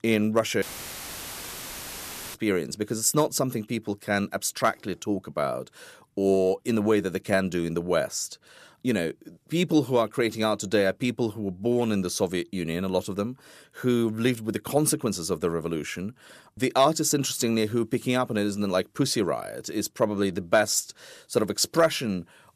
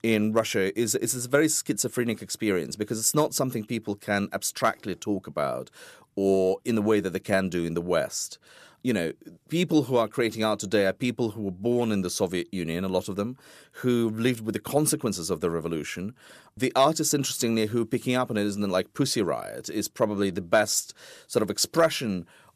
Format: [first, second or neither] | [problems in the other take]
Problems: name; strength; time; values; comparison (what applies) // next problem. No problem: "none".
second | audio cutting out; filled with static; at 0.5 s for 1.5 s